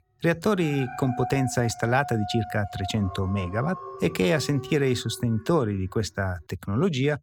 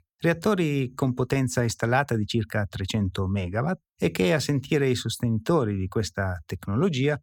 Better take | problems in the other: second | dog barking; noticeable; from 0.5 to 6 s; peak 8 dB below the speech

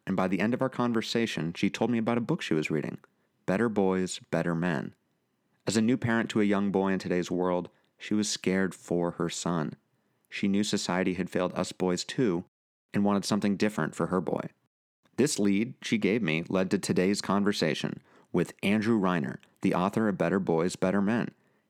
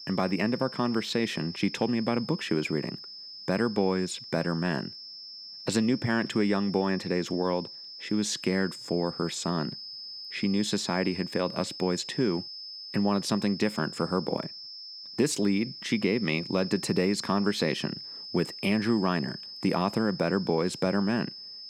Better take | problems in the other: first | high-pitched whine; noticeable; throughout; 5 kHz, 10 dB below the speech

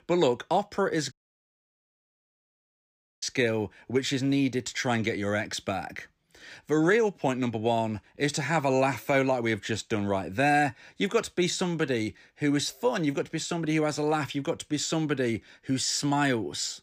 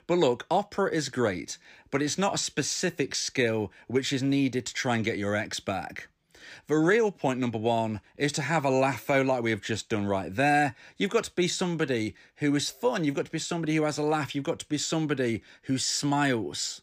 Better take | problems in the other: second | audio cutting out; at 1 s for 2 s

